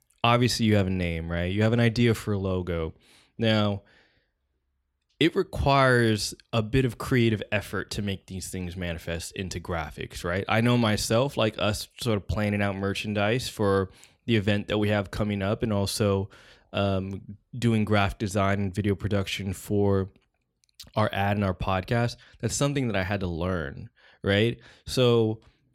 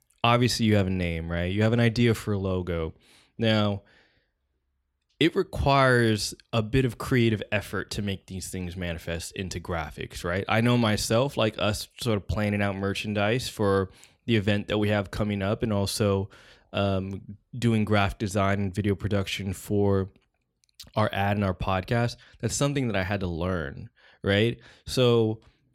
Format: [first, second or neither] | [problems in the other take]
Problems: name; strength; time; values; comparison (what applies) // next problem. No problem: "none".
neither | none